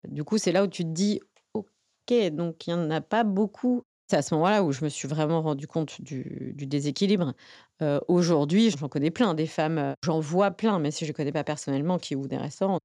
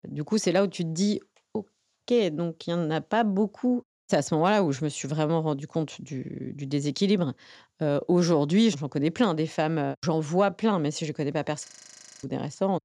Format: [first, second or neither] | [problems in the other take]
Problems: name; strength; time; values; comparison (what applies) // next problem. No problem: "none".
first | audio freezing; at 12 s for 0.5 s